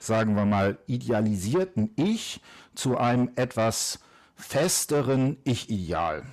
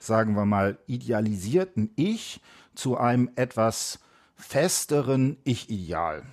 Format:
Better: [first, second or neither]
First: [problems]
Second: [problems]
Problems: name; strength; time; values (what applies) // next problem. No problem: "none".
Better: second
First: distortion; slight; 10 dB below the speech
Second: none